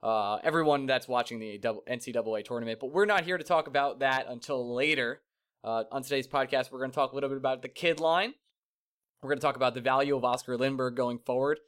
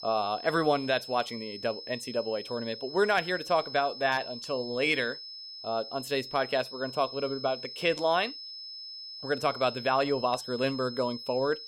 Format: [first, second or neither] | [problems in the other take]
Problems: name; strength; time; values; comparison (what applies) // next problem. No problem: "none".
first | high-pitched whine; noticeable; throughout; 5 kHz, 10 dB below the speech